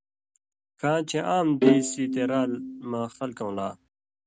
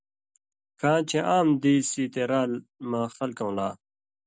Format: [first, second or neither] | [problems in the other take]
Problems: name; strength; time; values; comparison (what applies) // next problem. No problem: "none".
second | background sound (Bowed string instrument); as loud as the speech